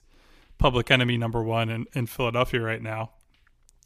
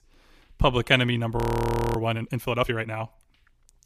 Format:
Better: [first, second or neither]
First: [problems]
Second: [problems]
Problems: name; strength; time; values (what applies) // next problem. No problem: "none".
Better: first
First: none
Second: audio freezing; at 1.5 s for 0.5 s